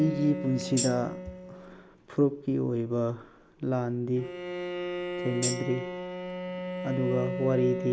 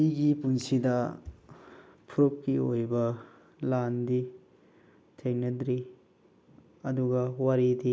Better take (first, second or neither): second